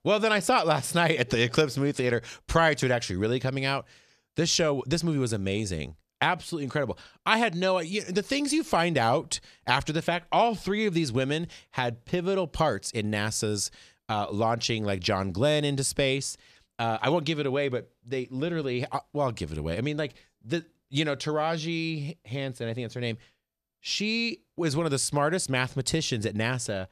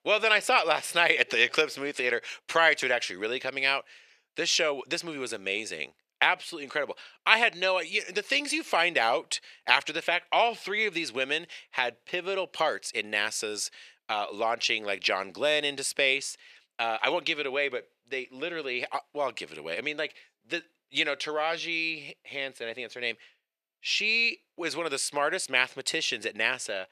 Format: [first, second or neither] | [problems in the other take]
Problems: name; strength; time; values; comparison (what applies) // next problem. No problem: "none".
first | thin; very; fading below 500 Hz